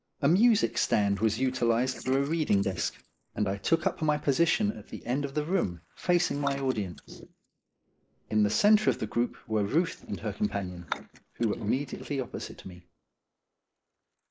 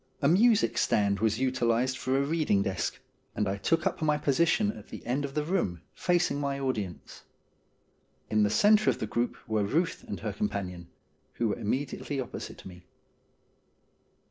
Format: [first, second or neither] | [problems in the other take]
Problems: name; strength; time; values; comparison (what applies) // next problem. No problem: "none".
second | noise reduction (neural mask model Resemble Enhance denoiser)